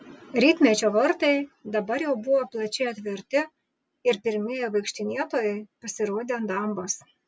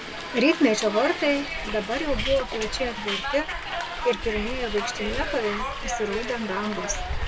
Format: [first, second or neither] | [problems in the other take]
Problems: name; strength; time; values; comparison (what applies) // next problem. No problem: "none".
first | background sound (Hiss); 4 dB below the speech